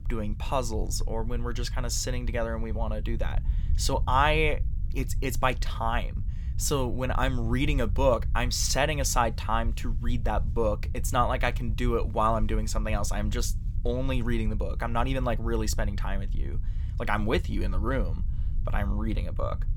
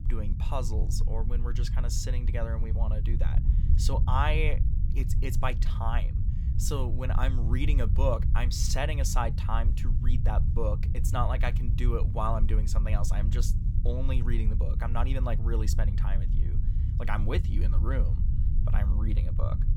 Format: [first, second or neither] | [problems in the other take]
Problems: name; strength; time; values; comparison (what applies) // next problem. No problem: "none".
first | low rumble; loud; throughout; 10 dB below the speech; faint in the first